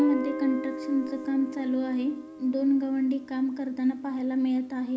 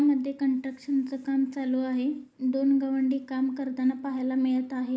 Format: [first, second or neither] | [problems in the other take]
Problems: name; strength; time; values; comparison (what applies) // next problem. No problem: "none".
second | background sound (Guitar); 11 dB below the speech